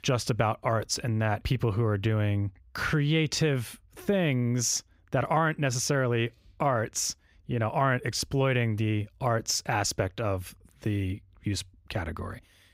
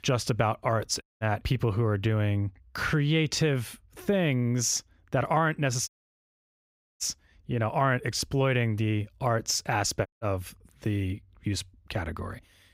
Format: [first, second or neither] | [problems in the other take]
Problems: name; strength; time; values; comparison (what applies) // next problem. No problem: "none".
first | audio cutting out; at 1 s, at 6 s for 1 s and at 10 s